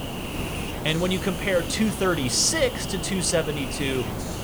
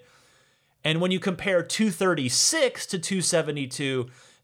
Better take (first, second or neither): second